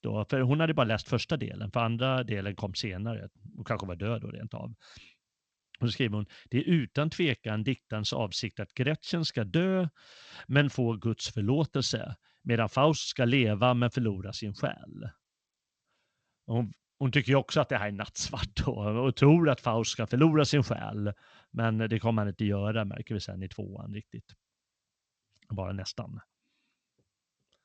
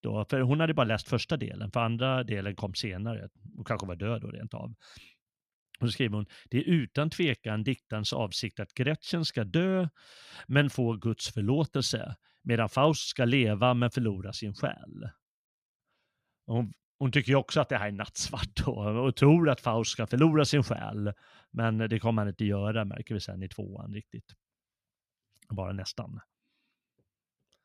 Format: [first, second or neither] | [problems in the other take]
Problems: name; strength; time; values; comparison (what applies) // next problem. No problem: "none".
second | garbled, watery; slightly